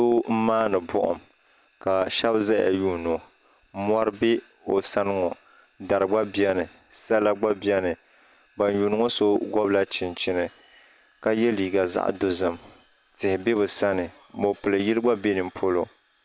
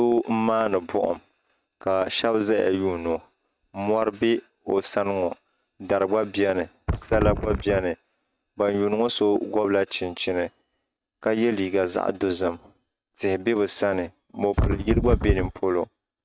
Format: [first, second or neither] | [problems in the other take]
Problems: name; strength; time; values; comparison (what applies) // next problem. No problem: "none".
first | noise reduction (neural mask model RNNoise)